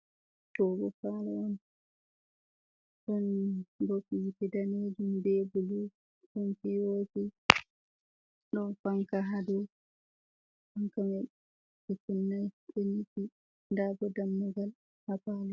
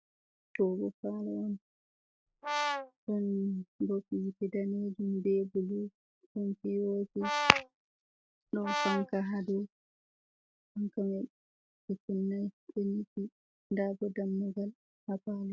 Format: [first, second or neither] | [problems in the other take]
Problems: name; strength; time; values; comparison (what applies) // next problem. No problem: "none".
first | background sound (Brass instrument); 1 dB below the speech